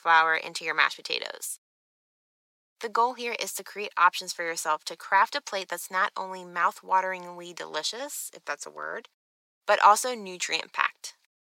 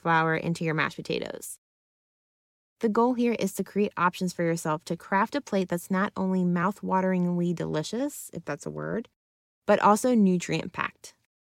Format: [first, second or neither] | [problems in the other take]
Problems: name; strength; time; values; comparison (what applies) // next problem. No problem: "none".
second | thin; very; fading below 950 Hz